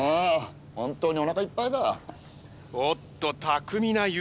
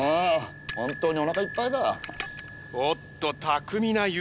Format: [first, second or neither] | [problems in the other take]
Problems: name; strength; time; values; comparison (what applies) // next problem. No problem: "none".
first | background sound (Bell); 14 dB below the speech